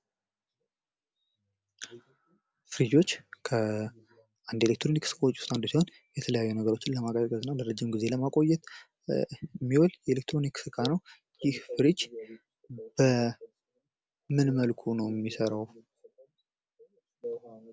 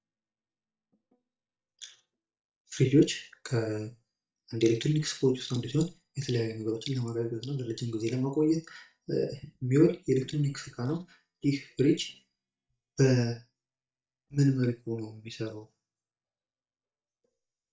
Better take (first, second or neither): first